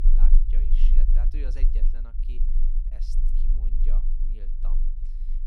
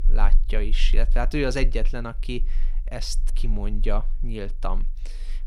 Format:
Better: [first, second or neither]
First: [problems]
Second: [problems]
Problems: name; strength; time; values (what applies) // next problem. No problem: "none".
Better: second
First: low rumble; loud; throughout; 2 dB below the speech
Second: low rumble; faint; throughout; 25 dB below the speech